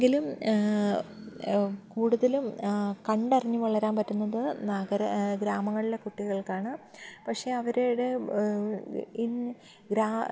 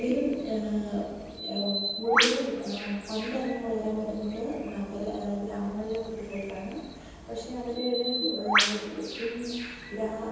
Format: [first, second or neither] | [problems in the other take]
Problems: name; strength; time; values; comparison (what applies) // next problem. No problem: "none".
first | background sound (Bird); 2 dB below the speech // room echo; dies away in 1.1 s